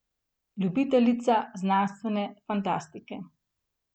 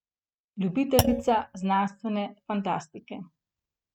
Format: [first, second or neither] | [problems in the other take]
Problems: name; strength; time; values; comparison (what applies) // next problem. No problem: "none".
first | noise reduction (neural mask model RNNoise)